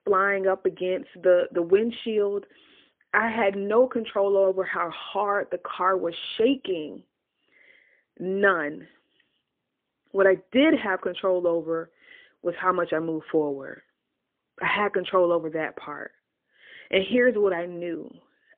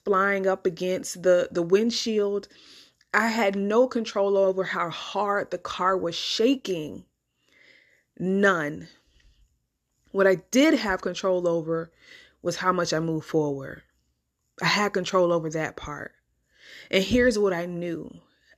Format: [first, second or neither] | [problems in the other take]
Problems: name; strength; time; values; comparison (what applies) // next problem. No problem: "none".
second | phone-call audio; poor line